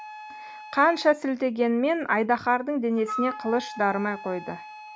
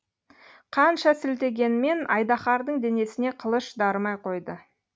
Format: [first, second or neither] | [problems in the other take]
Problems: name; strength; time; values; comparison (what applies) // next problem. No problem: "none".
second | background sound (Wind instrument, woodwind instrument); 14 dB below the speech